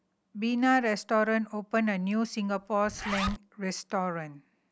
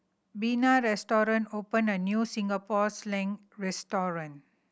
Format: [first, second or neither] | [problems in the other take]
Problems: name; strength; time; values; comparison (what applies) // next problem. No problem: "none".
second | background sound (Zipper (clothing)); 11 dB below the speech